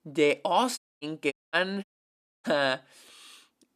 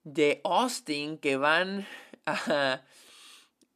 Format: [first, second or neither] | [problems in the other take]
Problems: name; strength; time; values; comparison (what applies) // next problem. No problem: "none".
second | audio cutting out; at 1 s, at 1.5 s and at 2 s for 0.5 s